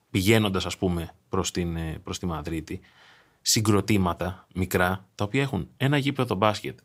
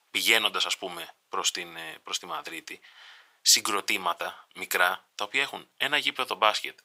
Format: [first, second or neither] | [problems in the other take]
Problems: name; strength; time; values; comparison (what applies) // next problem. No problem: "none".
first | thin; very; fading below 850 Hz